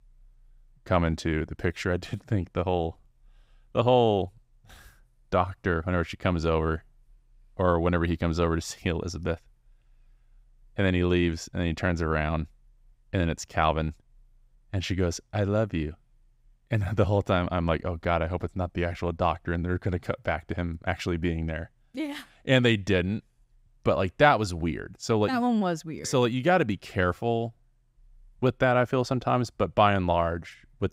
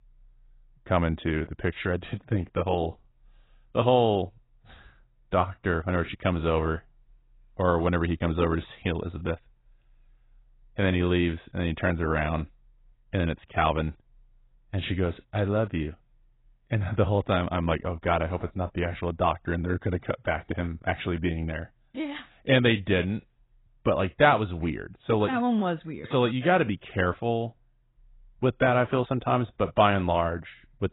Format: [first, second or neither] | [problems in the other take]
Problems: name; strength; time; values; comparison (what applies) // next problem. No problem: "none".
first | garbled, watery; badly; nothing above 3.5 kHz